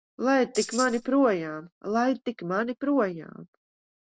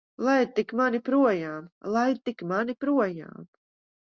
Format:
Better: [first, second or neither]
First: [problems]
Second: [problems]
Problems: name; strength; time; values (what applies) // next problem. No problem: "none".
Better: second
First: background sound (Tambourine); 10 dB below the speech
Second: none